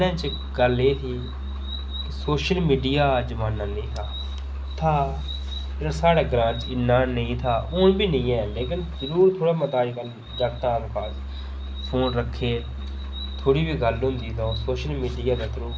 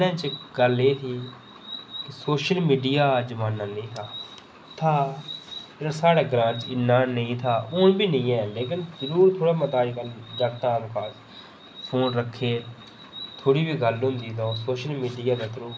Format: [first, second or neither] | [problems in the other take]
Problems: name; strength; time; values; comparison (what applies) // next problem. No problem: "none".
second | background sound (Musical instrument); 7 dB below the speech